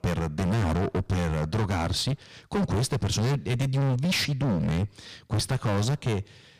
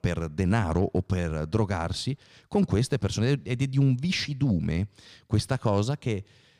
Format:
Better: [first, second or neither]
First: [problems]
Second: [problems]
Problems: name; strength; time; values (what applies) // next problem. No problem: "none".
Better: second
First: distortion; heavy; 27% of the sound clipped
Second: none